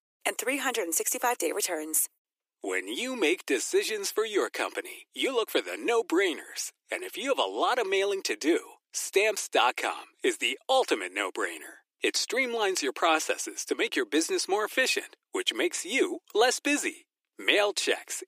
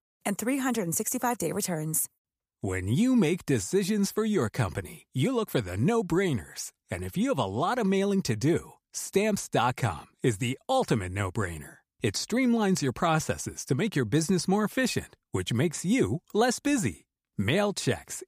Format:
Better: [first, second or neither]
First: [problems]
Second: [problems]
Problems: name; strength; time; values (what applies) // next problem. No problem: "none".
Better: second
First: thin; very; fading below 300 Hz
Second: none